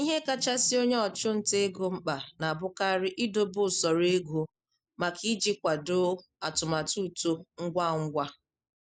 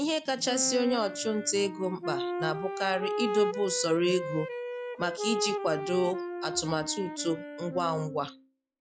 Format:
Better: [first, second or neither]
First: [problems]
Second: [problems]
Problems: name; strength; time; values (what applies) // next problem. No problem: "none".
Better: first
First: none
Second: noise reduction (classical method log-MMSE)